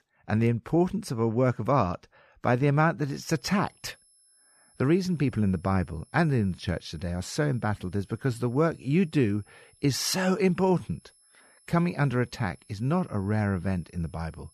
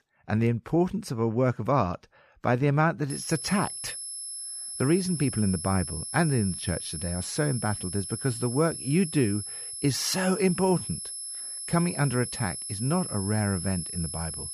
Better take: first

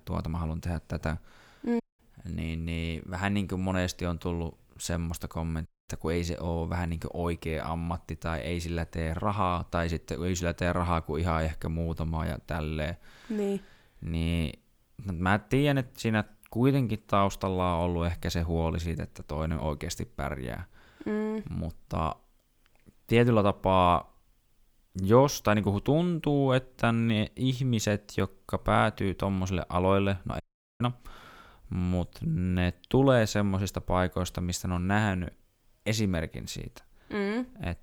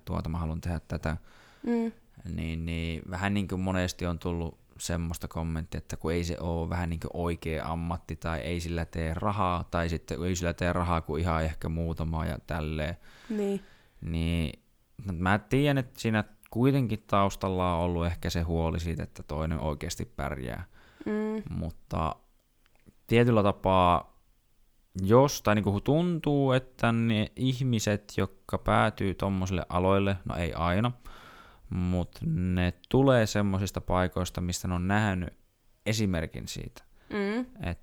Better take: second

